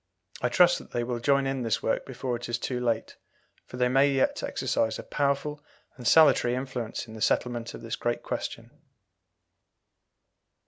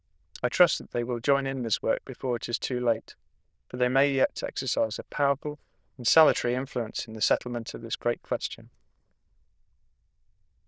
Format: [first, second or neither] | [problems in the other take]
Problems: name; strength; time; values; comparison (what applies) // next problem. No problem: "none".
first | noise reduction (neural diffusion model UNIVERSE++)